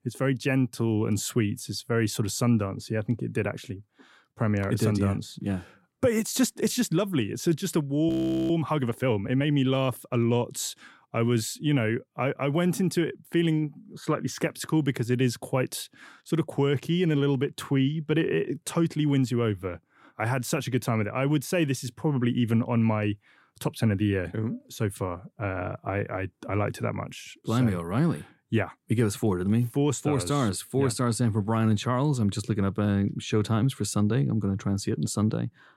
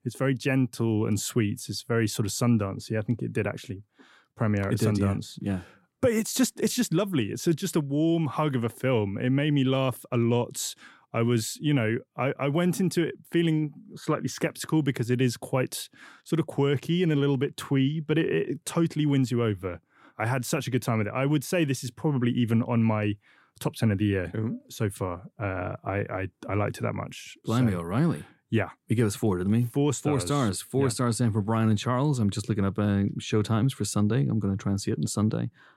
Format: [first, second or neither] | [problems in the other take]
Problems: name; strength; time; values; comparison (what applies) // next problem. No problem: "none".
second | audio freezing; at 8 s